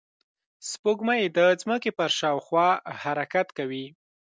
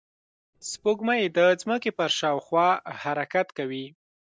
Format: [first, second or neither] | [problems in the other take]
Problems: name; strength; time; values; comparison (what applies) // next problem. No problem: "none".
first | noise reduction (neural mask model DeepFilterNet 3)